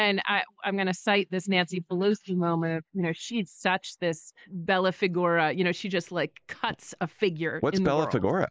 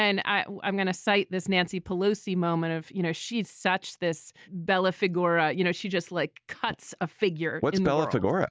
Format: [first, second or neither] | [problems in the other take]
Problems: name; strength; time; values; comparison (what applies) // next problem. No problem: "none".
second | noise reduction (neural mask model Resemble Enhance denoiser)